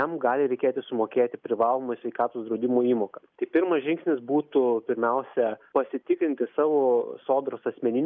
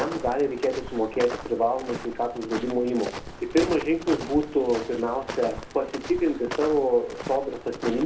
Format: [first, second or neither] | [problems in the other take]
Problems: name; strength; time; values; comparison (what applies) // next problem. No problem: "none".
first | background sound (Walk, footsteps); 11 dB below the speech // room echo; dies away in 0.3 s